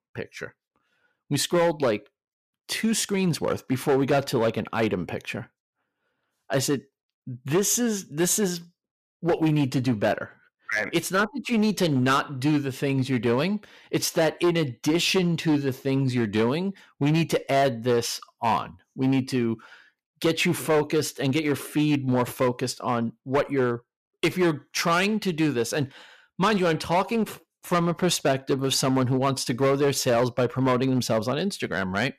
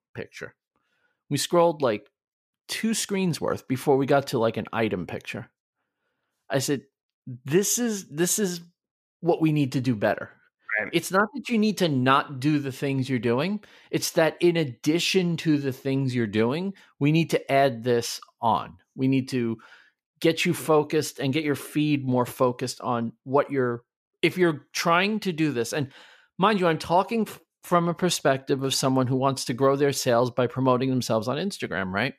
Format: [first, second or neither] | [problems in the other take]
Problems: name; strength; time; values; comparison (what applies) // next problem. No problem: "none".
second | distortion; slight; 7% of the sound clipped